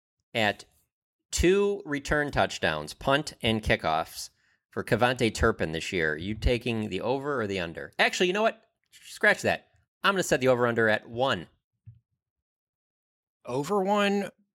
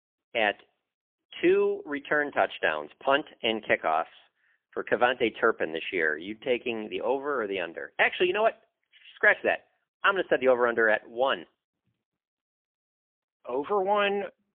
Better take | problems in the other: first | phone-call audio; poor line; nothing above 3.5 kHz

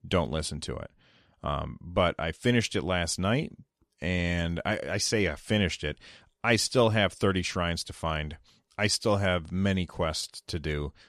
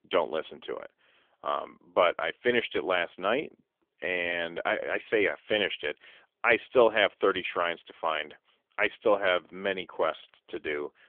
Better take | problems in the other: first | phone-call audio; poor line; nothing above 3.5 kHz

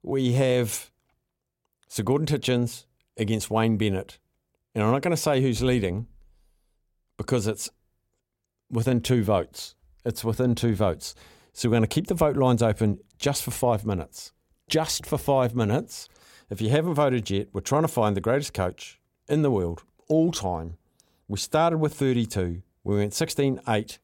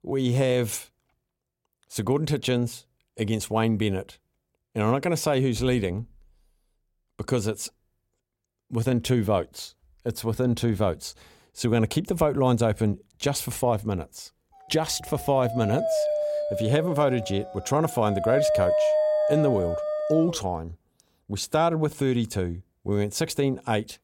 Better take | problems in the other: first | dog barking; loud; from 15 to 20 s; peak 4 dB above the speech

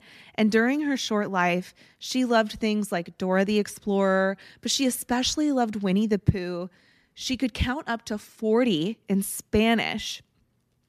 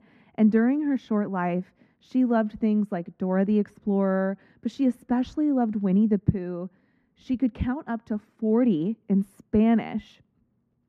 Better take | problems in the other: first | muffled; very; fading above 2.5 kHz

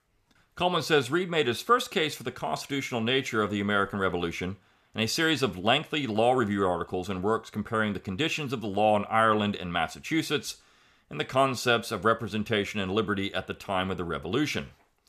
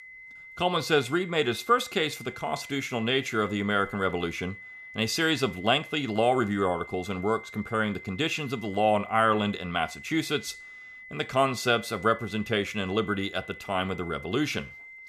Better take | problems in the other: first | high-pitched whine; noticeable; throughout; 2 kHz, 15 dB below the speech

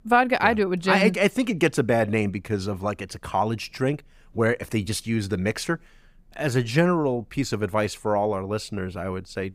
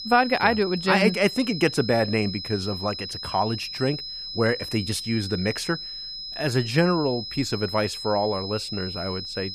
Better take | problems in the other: first | high-pitched whine; loud; throughout; 5 kHz, 7 dB below the speech

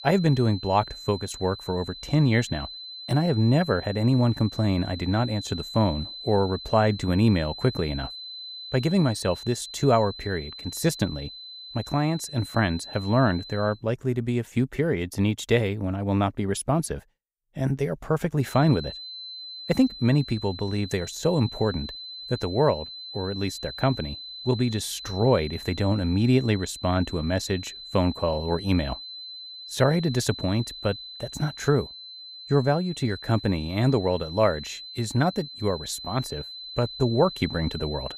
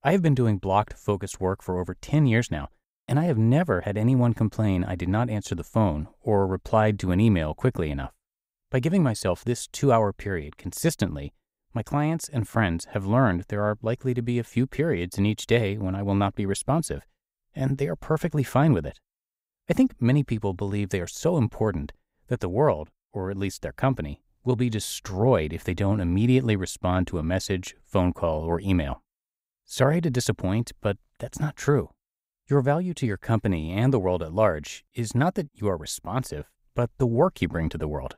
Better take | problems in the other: second | high-pitched whine; noticeable; until 14 s and from 18 s on; 4 kHz, 10 dB below the speech

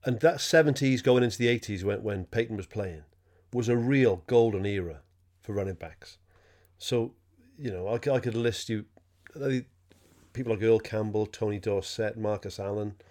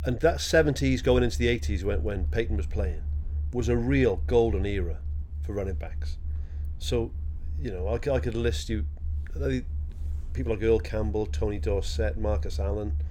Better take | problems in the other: first | low rumble; faint; throughout; 20 dB below the speech

